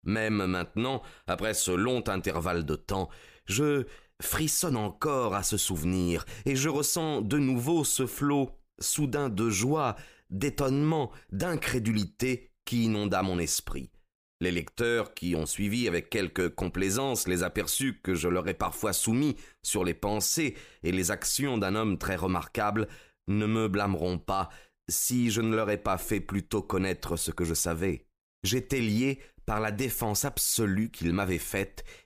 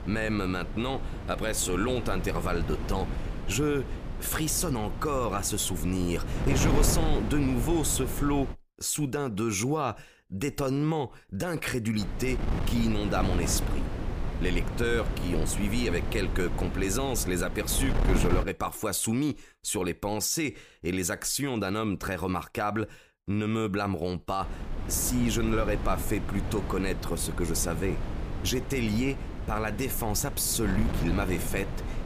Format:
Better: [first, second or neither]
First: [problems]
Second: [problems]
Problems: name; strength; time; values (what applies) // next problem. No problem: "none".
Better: first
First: none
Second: wind noise on the microphone; heavy; until 8.5 s, from 12 to 18 s and from 24 s on; 8 dB below the speech